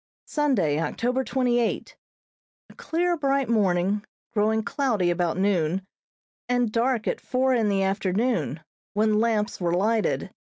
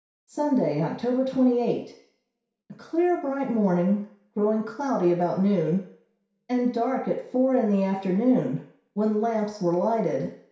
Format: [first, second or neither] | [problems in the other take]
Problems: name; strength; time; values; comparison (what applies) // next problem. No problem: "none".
first | room echo; dies away in 0.6 s